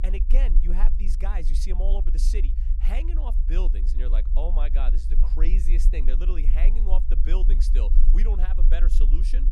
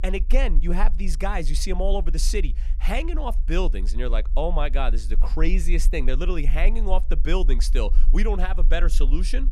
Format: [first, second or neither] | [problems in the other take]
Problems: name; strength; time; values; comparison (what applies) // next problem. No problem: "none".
second | low rumble; loud; throughout; 9 dB below the speech; faint in the second